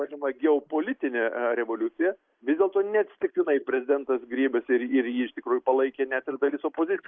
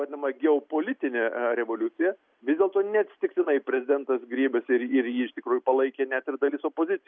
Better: second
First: noise reduction (neural mask model Resemble Enhance denoiser)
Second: none

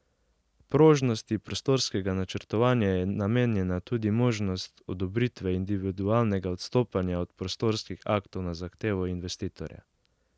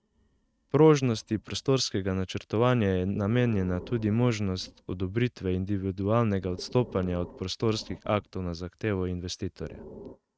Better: first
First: none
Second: noise reduction (neural mask model RNNoise)

